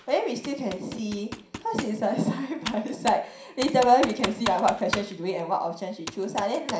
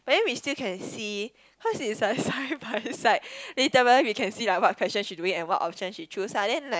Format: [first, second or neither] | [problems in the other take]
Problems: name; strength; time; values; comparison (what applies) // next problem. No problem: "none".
second | background sound (Computer keyboard); 11 dB below the speech // room echo; dies away in 0.5 s